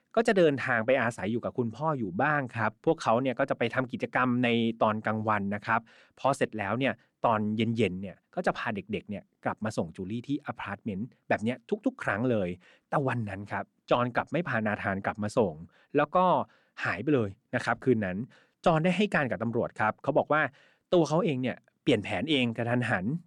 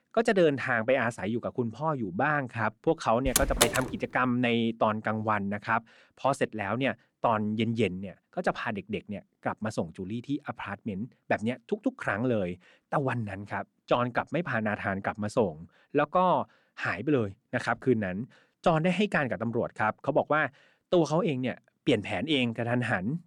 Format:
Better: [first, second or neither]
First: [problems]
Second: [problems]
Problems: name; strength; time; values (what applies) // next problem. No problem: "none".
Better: first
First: none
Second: door banging; loud; at 3.5 s; peak 4 dB above the speech